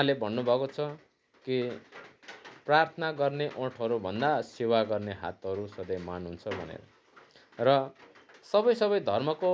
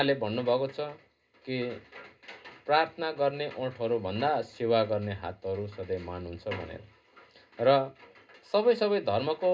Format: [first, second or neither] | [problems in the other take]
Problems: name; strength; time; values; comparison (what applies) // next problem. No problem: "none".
first | room echo; dies away in 0.2 s